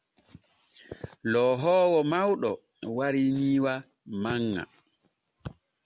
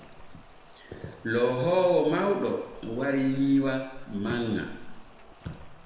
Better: first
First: none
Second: background sound (Rain); 17 dB below the speech // room echo; dies away in 1 s

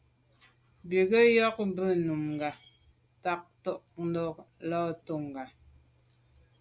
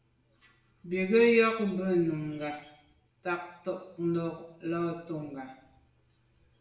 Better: first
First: none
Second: room echo; dies away in 0.8 s

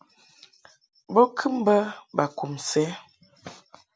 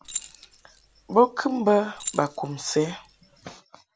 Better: first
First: none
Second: background sound (Keys jangling); 14 dB below the speech

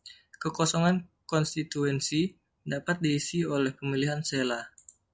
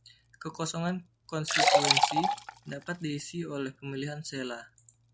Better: first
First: none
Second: background sound (Liquid); 5 dB above the speech

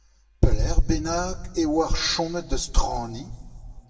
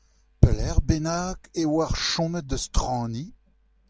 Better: second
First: room echo; dies away in 1.5 s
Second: none

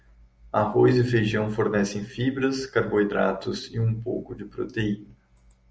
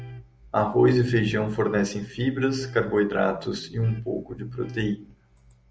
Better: first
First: none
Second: background sound (Electric guitar); 17 dB below the speech

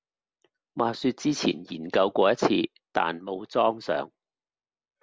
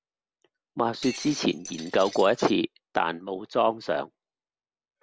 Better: first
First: none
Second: background sound (Shatter); 14 dB below the speech

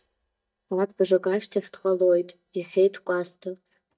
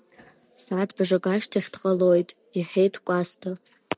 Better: second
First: noise reduction (neural mask model DeepFilterNet 3)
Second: none

